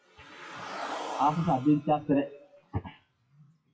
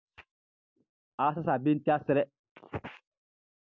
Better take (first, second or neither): second